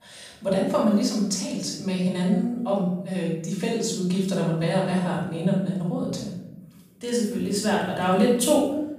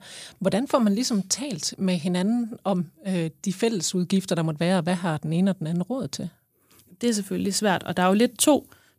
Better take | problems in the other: second | off-mic speech; far // room echo; noticeable; dies away in 0.9 s

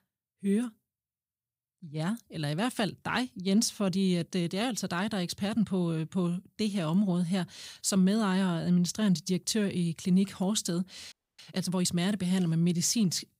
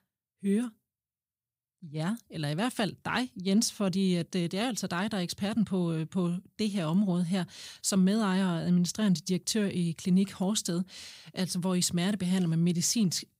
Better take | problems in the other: second | audio freezing; at 11 s

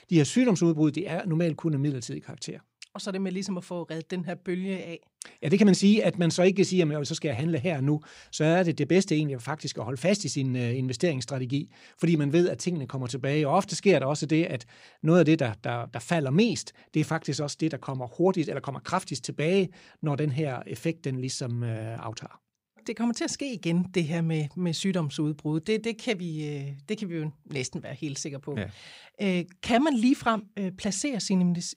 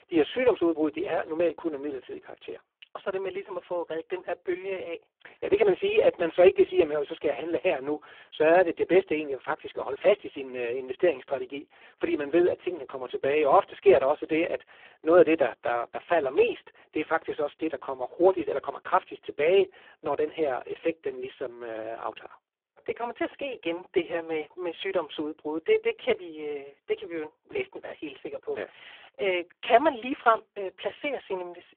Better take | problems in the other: first | phone-call audio; poor line

